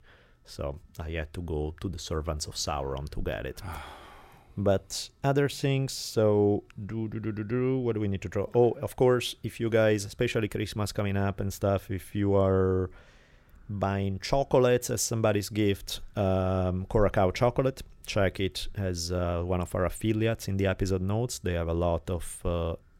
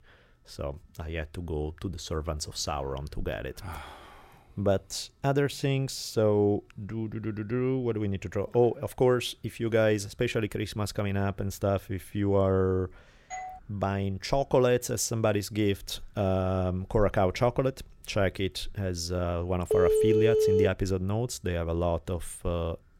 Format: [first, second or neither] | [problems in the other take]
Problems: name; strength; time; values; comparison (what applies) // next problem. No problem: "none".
first | doorbell; faint; at 13 s; peak 10 dB below the speech // phone ringing; loud; at 20 s; peak 6 dB above the speech